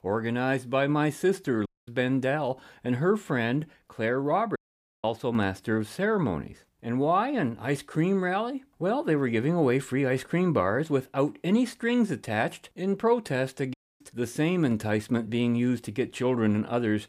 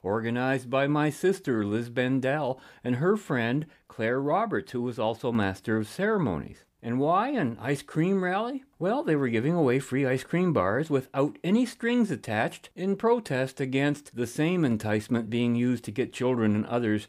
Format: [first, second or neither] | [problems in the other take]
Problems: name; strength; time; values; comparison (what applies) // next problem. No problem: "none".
second | audio cutting out; at 1.5 s, at 4.5 s and at 14 s